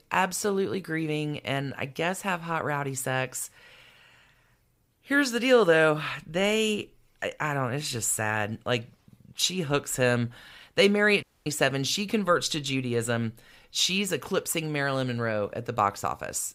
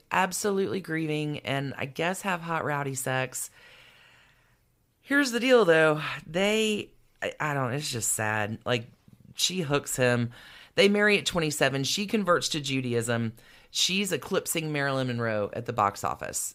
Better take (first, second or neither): second